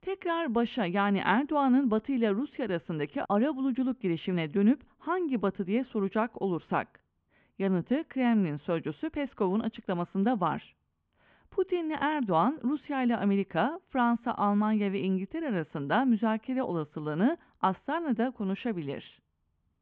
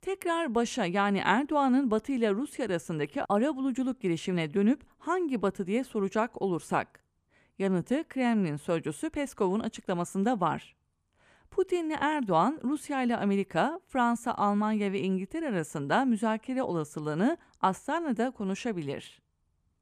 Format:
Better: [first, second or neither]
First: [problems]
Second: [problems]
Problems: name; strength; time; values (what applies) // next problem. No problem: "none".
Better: second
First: muffled; very; fading above 3.5 kHz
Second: none